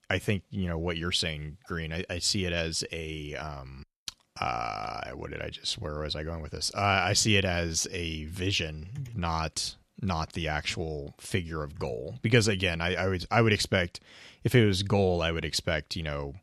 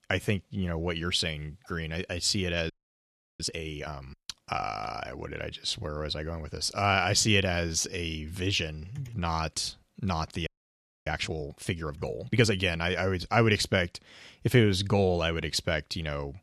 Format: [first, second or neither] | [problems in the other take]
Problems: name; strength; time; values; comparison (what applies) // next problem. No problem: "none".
first | audio freezing; at 2.5 s for 0.5 s and at 10 s for 0.5 s